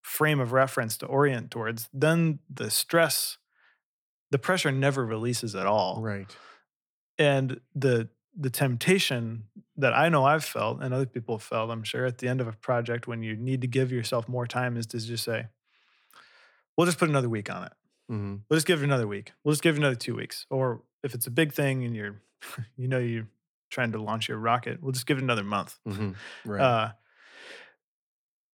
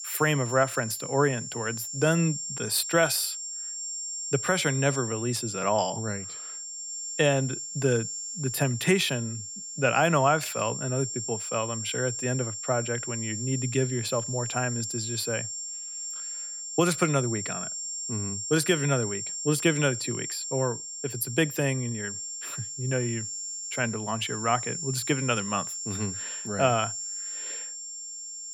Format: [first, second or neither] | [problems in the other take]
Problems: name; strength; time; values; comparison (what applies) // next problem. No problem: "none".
first | high-pitched whine; loud; throughout; 7.5 kHz, 5 dB below the speech